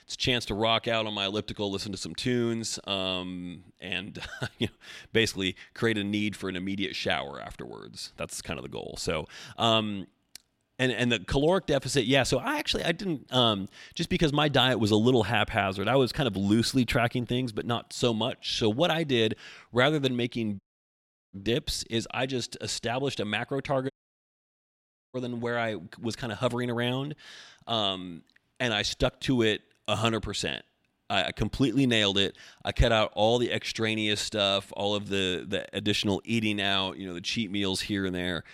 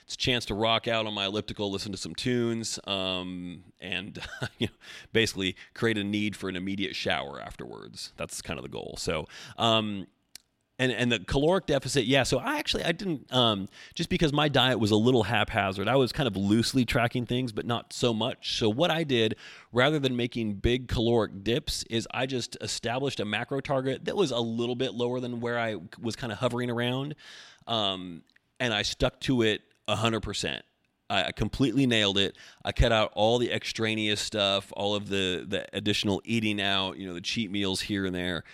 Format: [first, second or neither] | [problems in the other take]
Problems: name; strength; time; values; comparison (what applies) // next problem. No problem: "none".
second | audio cutting out; at 21 s for 0.5 s and at 24 s for 1 s